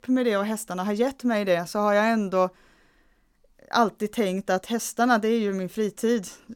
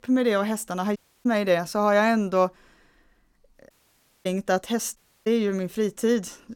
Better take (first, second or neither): first